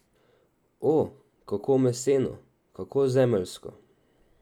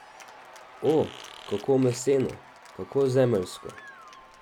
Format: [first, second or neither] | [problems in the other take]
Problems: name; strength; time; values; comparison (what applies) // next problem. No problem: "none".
first | background sound (Fart + Applause / Cheering); 19 dB below the speech